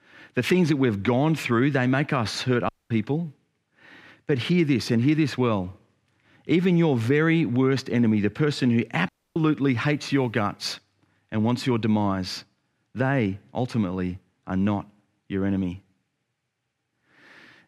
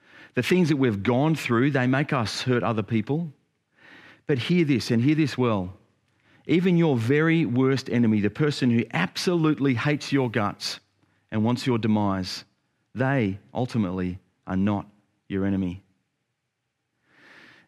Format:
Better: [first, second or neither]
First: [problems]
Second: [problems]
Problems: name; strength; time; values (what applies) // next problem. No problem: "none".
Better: second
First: audio cutting out; at 2.5 s and at 9 s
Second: none